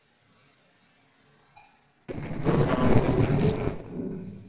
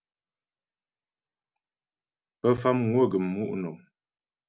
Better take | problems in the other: second | noise reduction (neural separator model SepFormer DNS4)

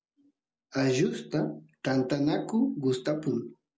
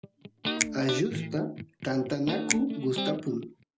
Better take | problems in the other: first | background sound (Electric guitar + Finger snapping); 4 dB below the speech

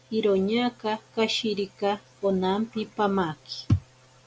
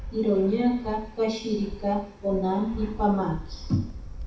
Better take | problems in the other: first | background sound (Fixed-wing aircraft, airplane); 12 dB below the speech // room echo; dies away in 0.7 s

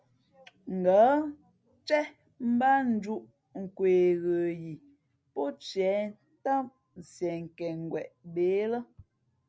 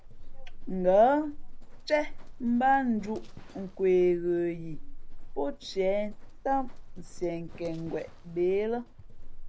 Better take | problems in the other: first | background sound (Livestock, farm animals, working animals); 8 dB below the speech

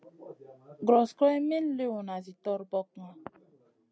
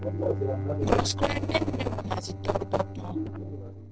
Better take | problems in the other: first | noise reduction (neural separator model SepFormer DNS4)

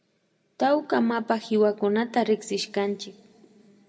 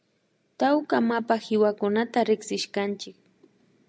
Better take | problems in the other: second | room echo; dies away in 1.9 s

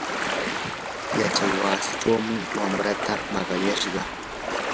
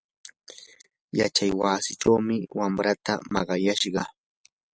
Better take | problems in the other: second | background sound (Ocean); as loud as the speech

